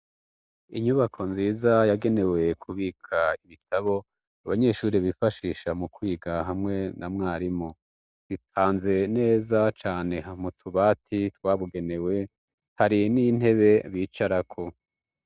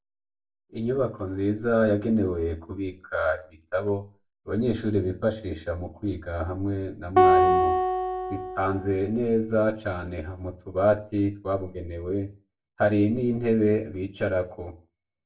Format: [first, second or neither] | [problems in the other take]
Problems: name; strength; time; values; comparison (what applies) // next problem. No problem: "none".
first | background sound (Acoustic guitar); 3 dB above the speech // room echo; dies away in 0.2 s